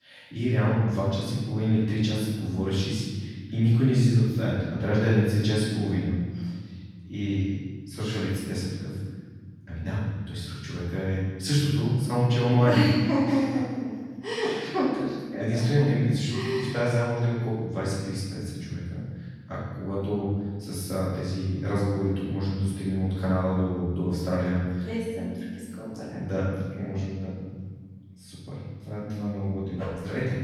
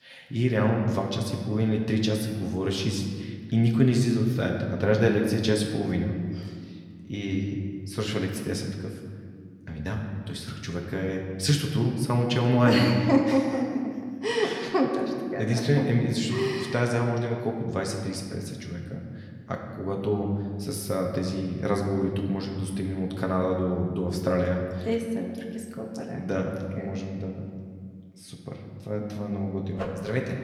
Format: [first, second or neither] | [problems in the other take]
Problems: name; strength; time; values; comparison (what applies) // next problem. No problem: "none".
second | room echo; strong; dies away in 1.7 s; slight in the second // off-mic speech; far; somewhat distant in the second